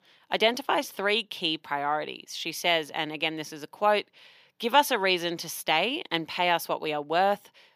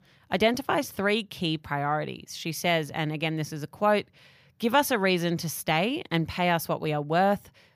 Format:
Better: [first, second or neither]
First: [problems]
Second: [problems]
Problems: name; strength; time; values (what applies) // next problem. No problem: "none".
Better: second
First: thin; somewhat; fading below 350 Hz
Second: none